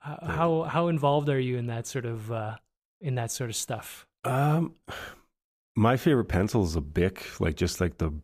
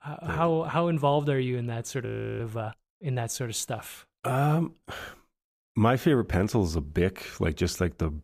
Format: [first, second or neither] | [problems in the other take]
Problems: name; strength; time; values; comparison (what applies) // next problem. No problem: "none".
first | audio freezing; at 2 s